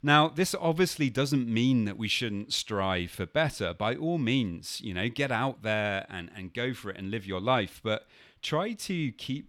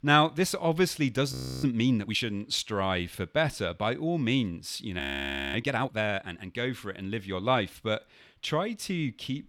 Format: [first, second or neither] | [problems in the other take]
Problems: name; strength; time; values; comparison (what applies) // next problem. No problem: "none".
first | audio freezing; at 1.5 s and at 5 s for 0.5 s